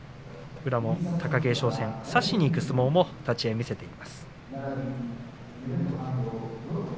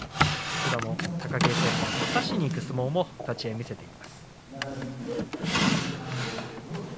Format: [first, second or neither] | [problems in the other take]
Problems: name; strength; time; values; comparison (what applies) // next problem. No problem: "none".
first | background sound (Drawer open or close); 2 dB above the speech